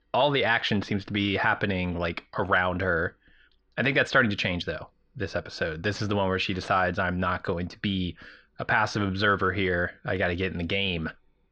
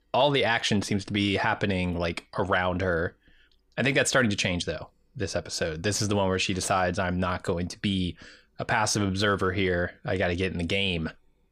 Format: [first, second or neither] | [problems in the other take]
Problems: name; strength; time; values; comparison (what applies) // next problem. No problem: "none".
second | muffled; slightly; fading above 4.5 kHz